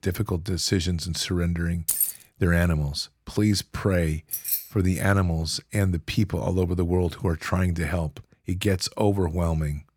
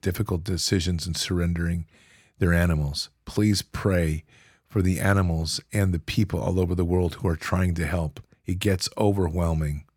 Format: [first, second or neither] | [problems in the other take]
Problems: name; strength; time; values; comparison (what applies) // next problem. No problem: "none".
second | jangling keys; loud; at 2 s; peak 2 dB above the speech // jangling keys; noticeable; at 4.5 s; peak 1 dB below the speech